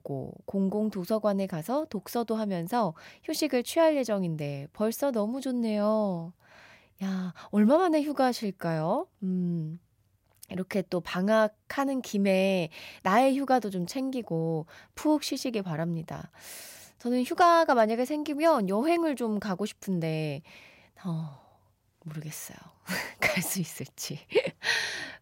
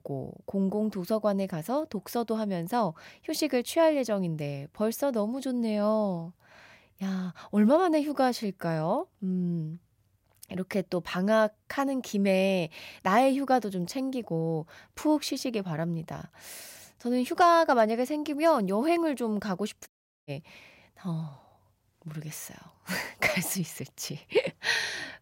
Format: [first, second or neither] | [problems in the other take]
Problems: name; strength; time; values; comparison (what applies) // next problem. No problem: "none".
first | audio cutting out; at 20 s